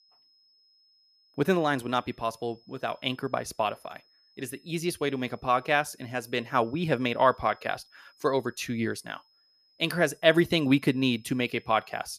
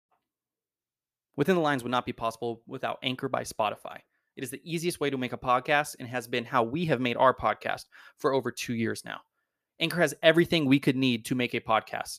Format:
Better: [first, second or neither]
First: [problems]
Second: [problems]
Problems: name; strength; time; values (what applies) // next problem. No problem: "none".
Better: second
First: high-pitched whine; faint; throughout; 5 kHz, 35 dB below the speech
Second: none